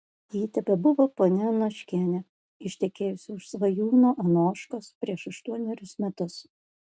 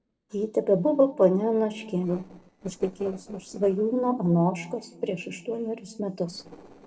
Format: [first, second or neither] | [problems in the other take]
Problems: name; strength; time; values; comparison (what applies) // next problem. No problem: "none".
first | noise reduction (neural separator model SepFormer DNS4)